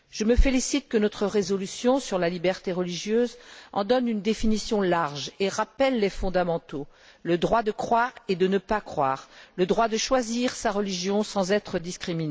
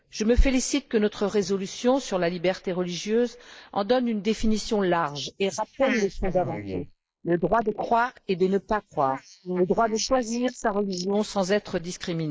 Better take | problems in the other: first | noise reduction (neural mask model Resemble Enhance denoiser)

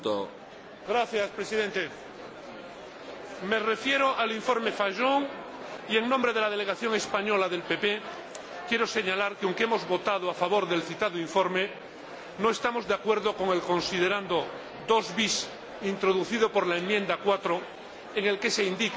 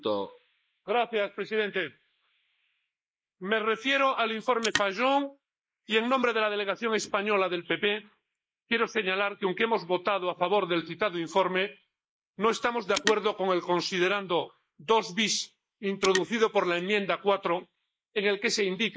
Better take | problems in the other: first | noise reduction (neural mask model Resemble Enhance denoiser)

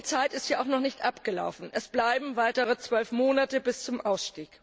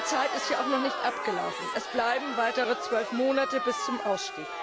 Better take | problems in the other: first | background sound (Crowd); 4 dB below the speech

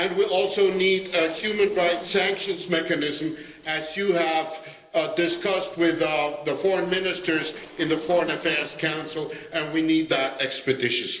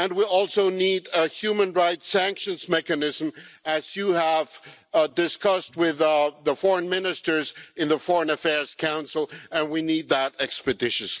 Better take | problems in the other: second | noise reduction (neural separator model SepFormer DNS4)

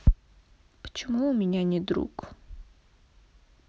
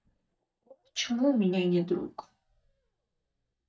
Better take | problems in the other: first | noise reduction (neural mask model DeepFilterNet 3)

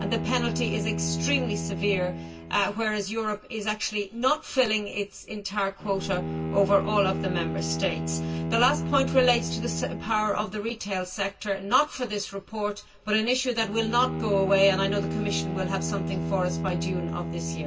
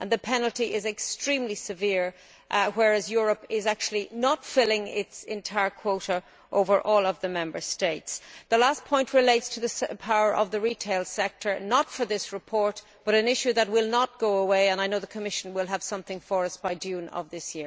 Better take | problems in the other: second | background sound (Bowed string instrument); 5 dB below the speech // room echo; dies away in 0.1 s

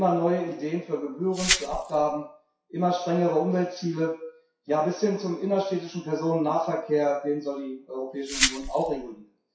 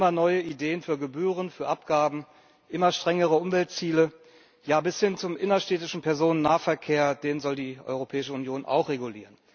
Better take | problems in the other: second | noise reduction (classical method WPE with log-MMSE)

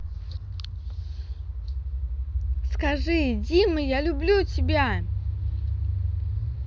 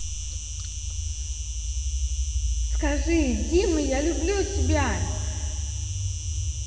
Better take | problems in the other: first | background sound (Insect); 12 dB below the speech // room echo; dies away in 2.8 s

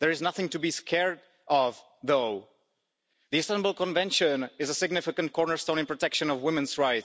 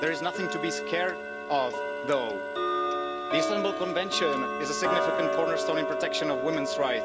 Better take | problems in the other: first | background sound (Tick-tock); 1 dB above the speech

